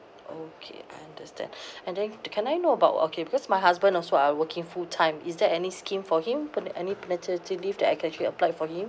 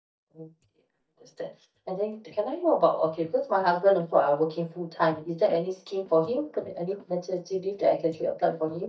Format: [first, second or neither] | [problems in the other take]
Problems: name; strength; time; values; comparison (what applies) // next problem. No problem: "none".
first | noise reduction (neural mask model DeepFilterNet 3)